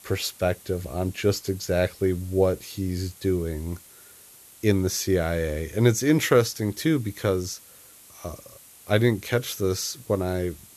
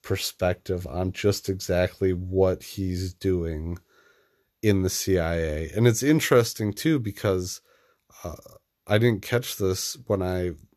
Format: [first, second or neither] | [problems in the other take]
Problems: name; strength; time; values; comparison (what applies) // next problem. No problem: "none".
second | hiss; faint; throughout; 20 dB below the speech